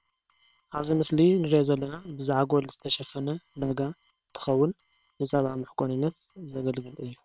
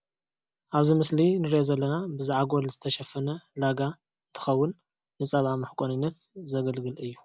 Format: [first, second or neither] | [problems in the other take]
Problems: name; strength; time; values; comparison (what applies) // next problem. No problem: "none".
second | noise reduction (neural separator model SepFormer WHAM!)